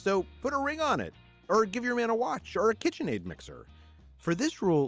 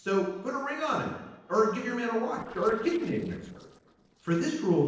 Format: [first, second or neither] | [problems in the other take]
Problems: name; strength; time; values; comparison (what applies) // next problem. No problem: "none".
first | noise reduction (neural separator model SepFormer DNS4)